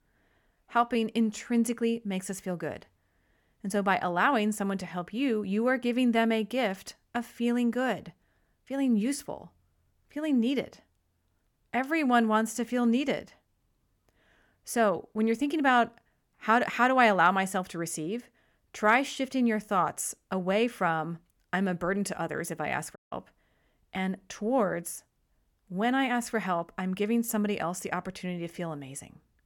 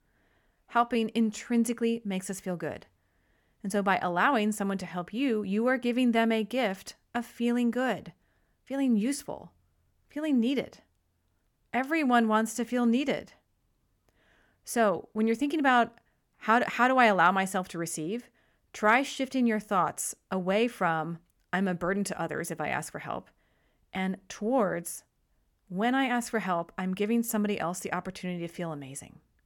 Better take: second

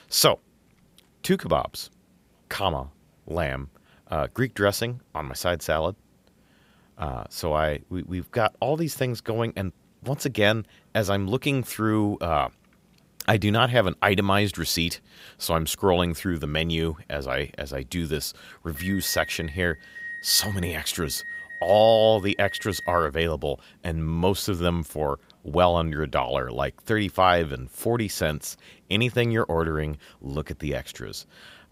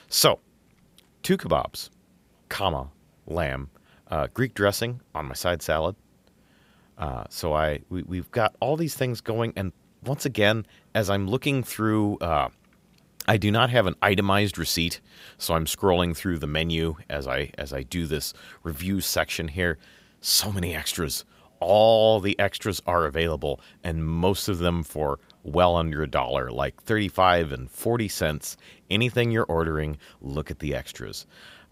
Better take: second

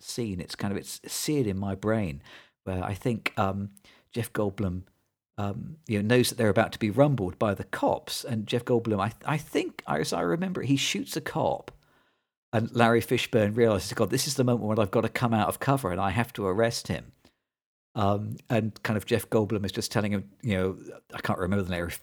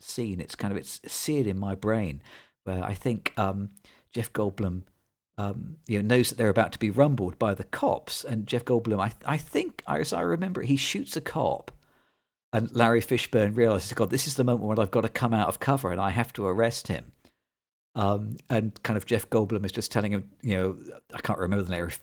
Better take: first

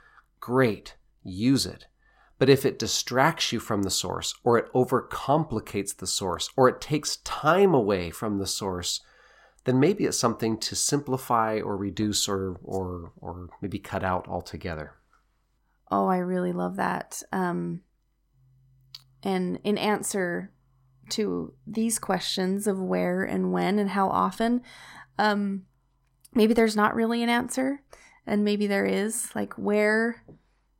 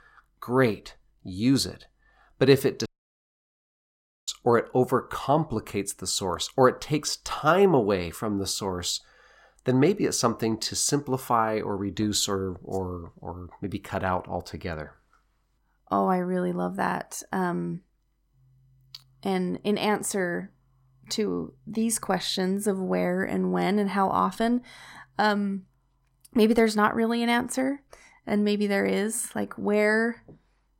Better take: first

